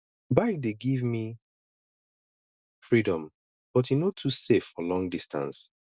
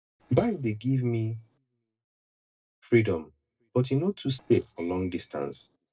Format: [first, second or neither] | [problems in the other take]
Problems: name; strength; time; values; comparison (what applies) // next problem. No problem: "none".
first | noise reduction (neural separator model SepFormer DNS4)